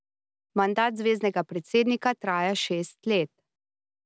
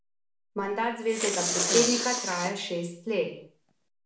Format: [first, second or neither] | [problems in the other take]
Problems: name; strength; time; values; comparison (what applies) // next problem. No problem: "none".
first | background sound (Respiratory sounds); 1 dB below the speech // room echo; dies away in 0.5 s